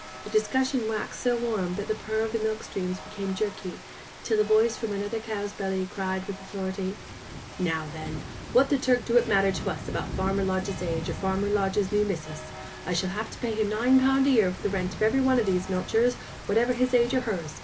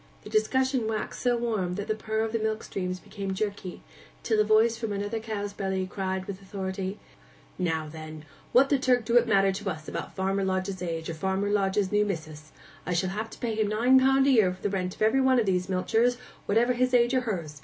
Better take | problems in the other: second | background sound (Rain); 12 dB below the speech

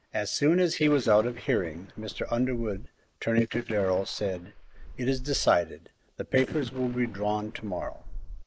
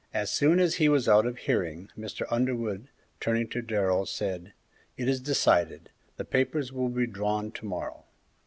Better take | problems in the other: second | noise reduction (neural mask model Resemble Enhance denoiser)

